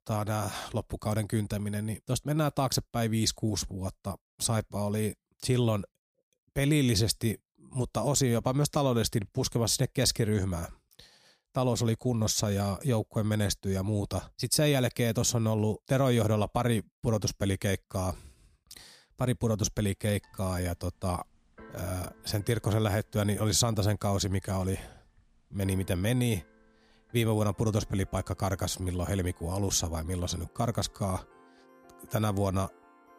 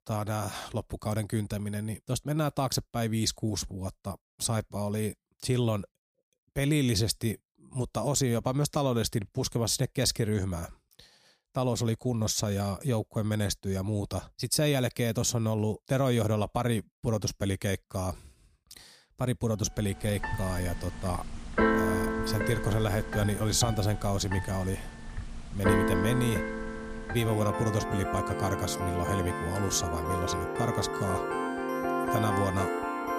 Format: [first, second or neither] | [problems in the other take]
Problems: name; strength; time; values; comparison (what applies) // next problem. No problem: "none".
first | background music; loud; from 20 s on; 2 dB below the speech; faint in the first